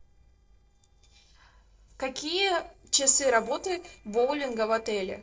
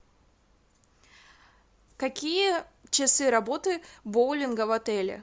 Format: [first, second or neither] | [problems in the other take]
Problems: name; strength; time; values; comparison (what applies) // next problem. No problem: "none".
second | noise reduction (neural separator model SepFormer DNS4)